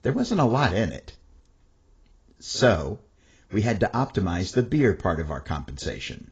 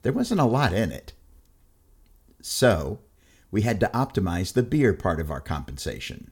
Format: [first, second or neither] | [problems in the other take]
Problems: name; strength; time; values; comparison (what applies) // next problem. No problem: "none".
second | garbled, watery; badly; nothing above 7.5 kHz